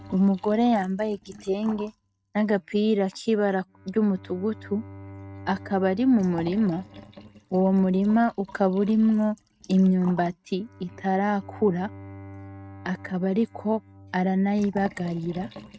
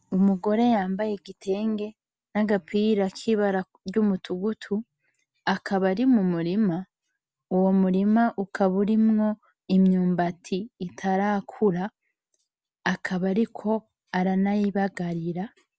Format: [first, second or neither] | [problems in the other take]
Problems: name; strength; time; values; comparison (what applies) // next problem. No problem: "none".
second | noise reduction (neural mask model RNNoise)